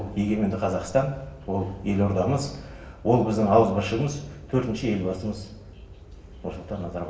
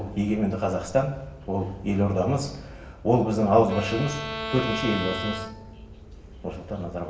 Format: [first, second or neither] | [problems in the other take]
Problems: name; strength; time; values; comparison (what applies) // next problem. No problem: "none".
first | background sound (Bowed string instrument); 8 dB below the speech